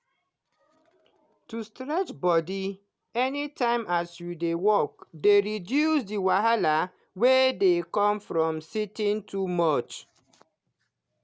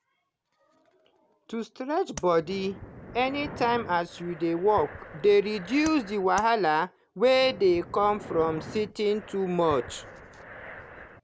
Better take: first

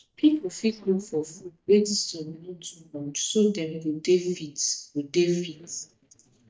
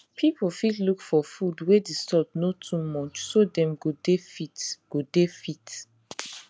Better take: second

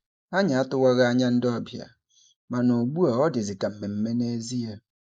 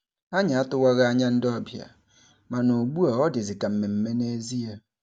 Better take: second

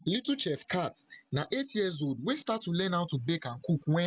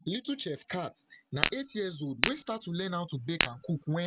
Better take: first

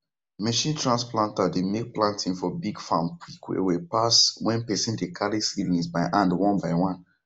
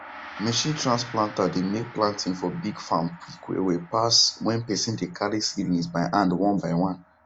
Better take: first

